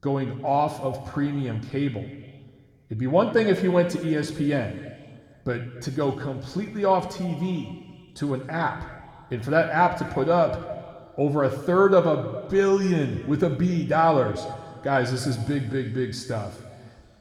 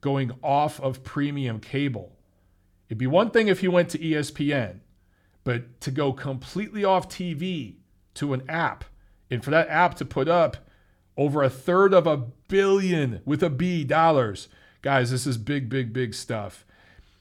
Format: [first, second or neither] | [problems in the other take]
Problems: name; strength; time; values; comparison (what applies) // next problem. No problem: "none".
second | room echo; slight; dies away in 1.7 s